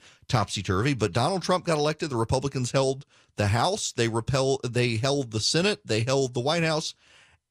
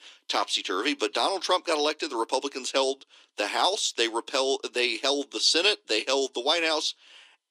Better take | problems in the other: first | thin; somewhat; fading below 300 Hz

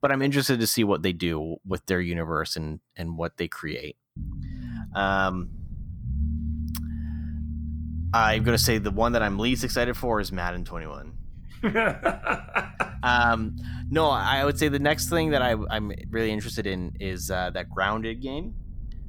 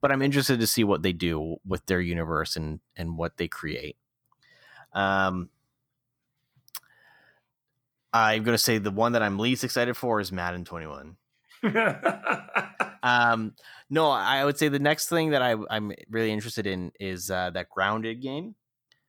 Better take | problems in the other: second | low rumble; faint; from 4 s on; 20 dB below the speech

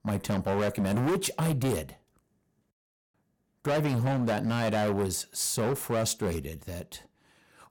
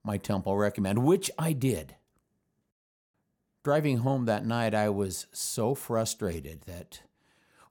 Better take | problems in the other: second | distortion; heavy; 14% of the sound clipped

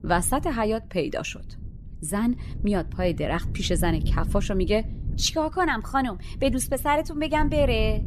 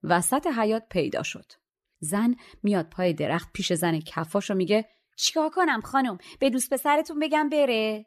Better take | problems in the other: second | low rumble; faint; throughout; 20 dB below the speech

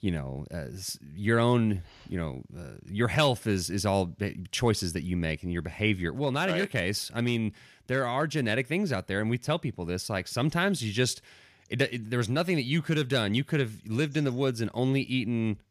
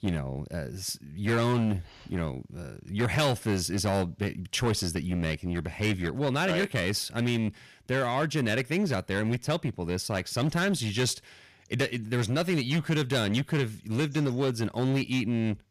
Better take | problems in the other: first | distortion; slight; 9% of the sound clipped

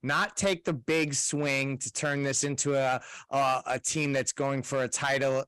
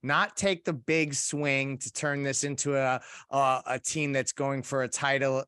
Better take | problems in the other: second | distortion; slight; 6% of the sound clipped

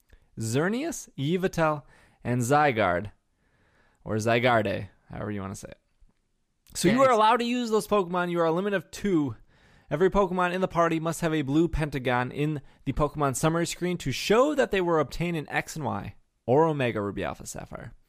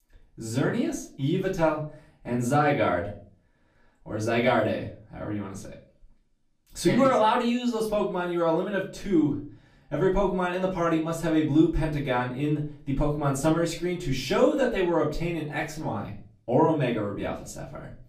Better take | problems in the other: first | off-mic speech; far // room echo; slight; dies away in 0.4 s

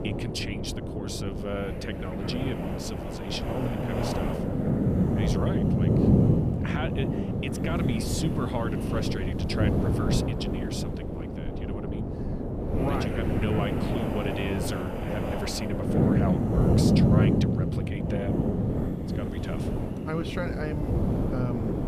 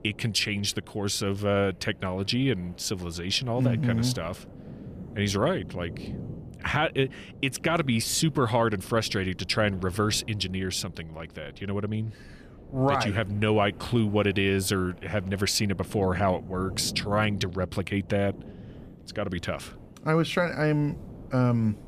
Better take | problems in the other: second | wind noise on the microphone; heavy; 3 dB above the speech; occasional gusts in the second

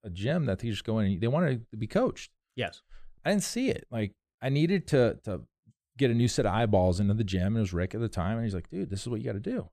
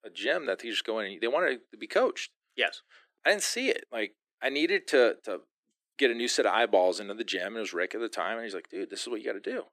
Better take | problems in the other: first | thin; very; fading below 300 Hz

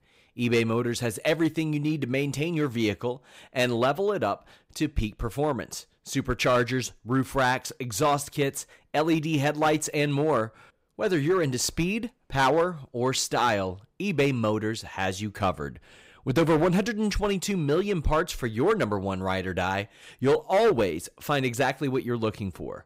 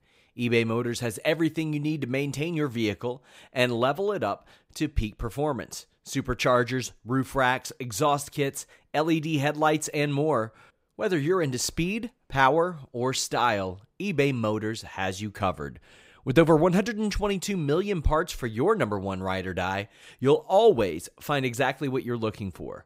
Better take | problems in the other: second | distortion; slight; 4% of the sound clipped

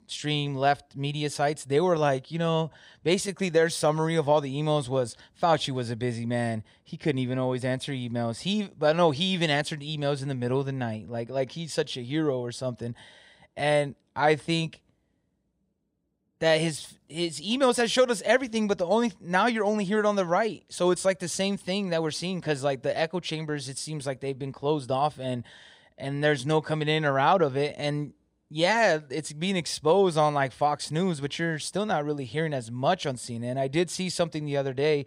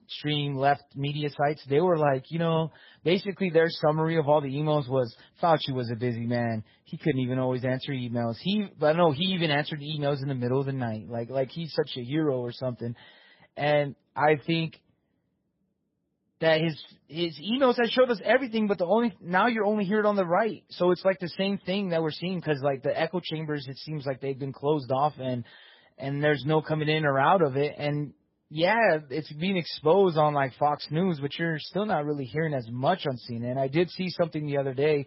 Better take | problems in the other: first | garbled, watery; badly; nothing above 5.5 kHz

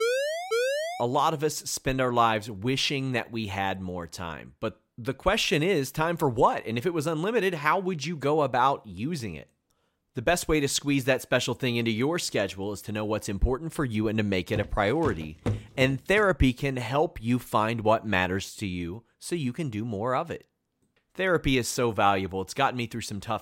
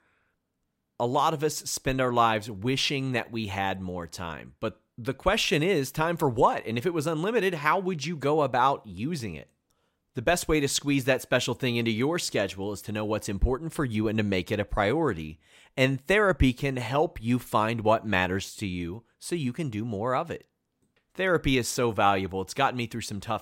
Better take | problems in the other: second | siren; loud; until 1 s; peak level with the speech // footsteps; noticeable; from 15 to 16 s; peak 6 dB below the speech

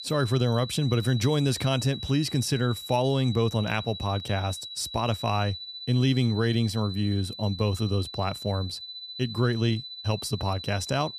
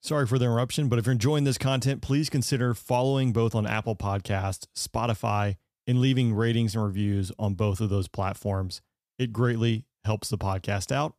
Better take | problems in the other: second | high-pitched whine; loud; throughout; 4 kHz, 10 dB below the speech

